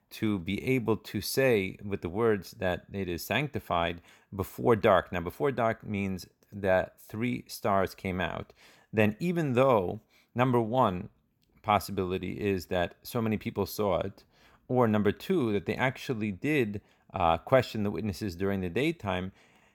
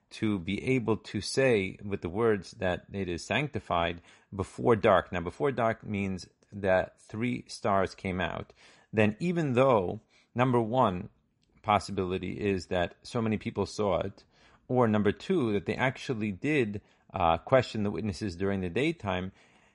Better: first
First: none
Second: garbled, watery; slightly; nothing above 10.5 kHz

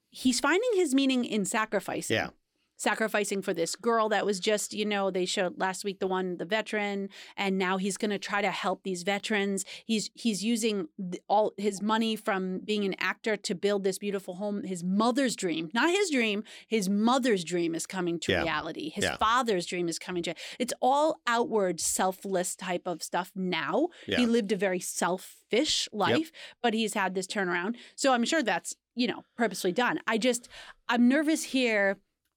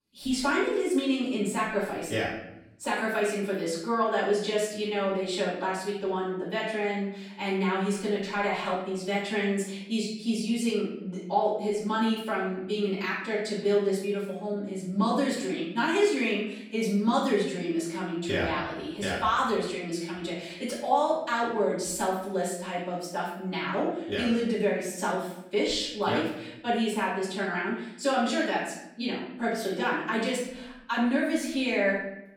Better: first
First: none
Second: off-mic speech; far // room echo; noticeable; dies away in 0.7 s

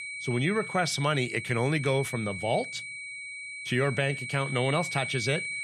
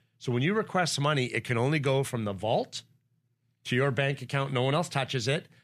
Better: second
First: high-pitched whine; loud; throughout; 2.5 kHz, 7 dB below the speech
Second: none

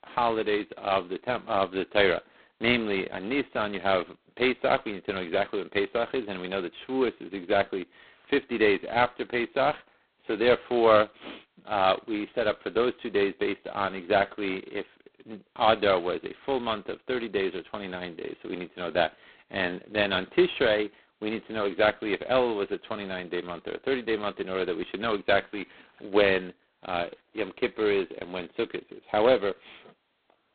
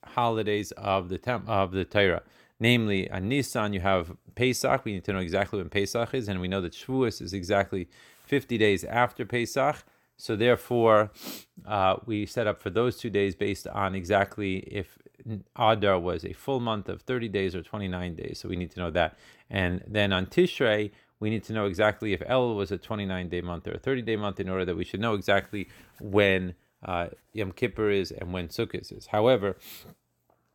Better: second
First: phone-call audio; poor line; nothing above 4 kHz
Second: none

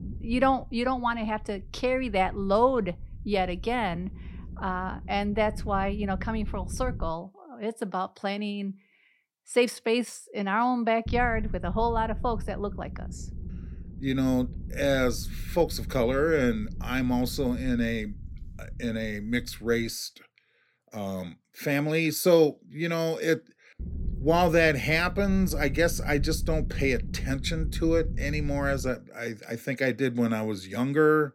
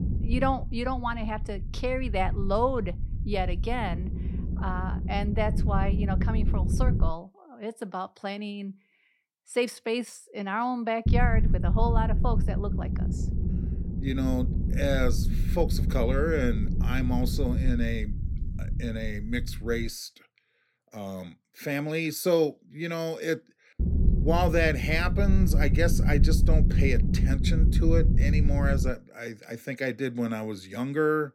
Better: first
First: low rumble; faint; until 7 s, from 11 to 20 s and from 24 to 29 s; 25 dB below the speech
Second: low rumble; loud; until 7 s, from 11 to 20 s and from 24 to 29 s; 10 dB below the speech

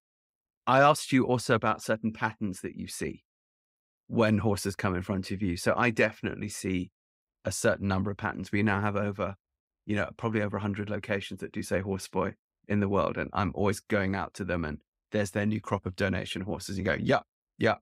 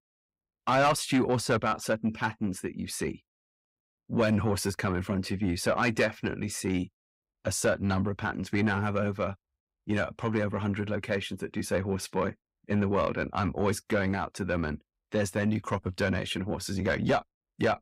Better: first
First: none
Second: distortion; slight; 10 dB below the speech

